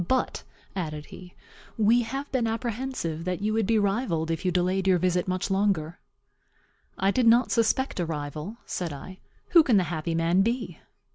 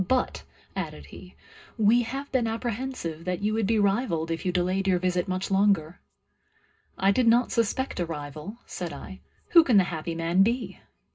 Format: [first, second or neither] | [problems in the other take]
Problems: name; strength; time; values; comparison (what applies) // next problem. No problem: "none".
first | room echo; dies away in 0.2 s